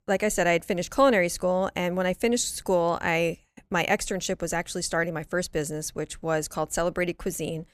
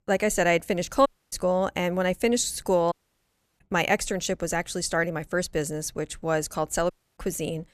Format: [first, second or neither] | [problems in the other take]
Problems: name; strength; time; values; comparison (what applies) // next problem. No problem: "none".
first | audio cutting out; at 1 s, at 3 s for 0.5 s and at 7 s